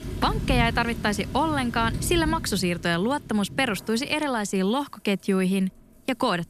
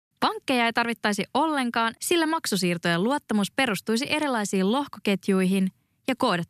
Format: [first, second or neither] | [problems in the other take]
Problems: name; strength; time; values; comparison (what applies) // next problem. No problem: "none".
second | rain or running water; loud; throughout; 8 dB below the speech